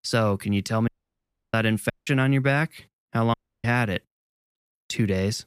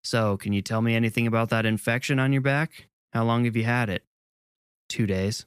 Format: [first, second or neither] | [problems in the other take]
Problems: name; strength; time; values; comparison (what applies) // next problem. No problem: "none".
second | audio cutting out; at 1 s for 0.5 s, at 2 s and at 3.5 s